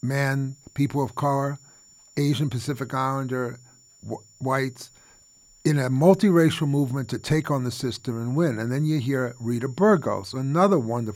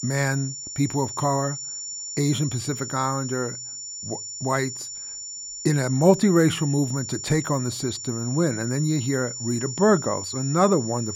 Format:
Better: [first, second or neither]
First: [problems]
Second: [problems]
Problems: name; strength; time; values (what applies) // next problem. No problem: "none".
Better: first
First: high-pitched whine; faint; throughout; 7 kHz, 30 dB below the speech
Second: high-pitched whine; loud; throughout; 7 kHz, 8 dB below the speech